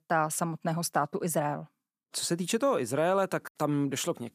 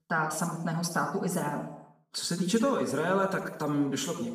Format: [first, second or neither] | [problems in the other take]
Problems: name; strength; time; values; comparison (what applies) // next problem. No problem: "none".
first | room echo; noticeable; dies away in 0.7 s // off-mic speech; far